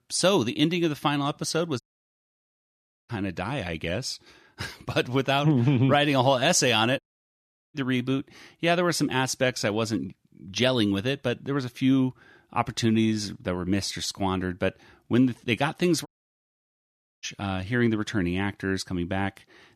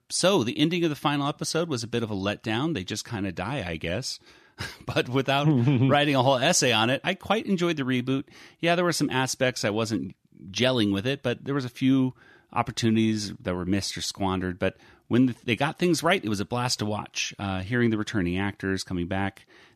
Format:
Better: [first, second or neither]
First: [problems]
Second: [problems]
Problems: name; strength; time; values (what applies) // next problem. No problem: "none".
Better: second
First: audio cutting out; at 2 s for 1.5 s, at 7 s for 0.5 s and at 16 s for 1 s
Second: none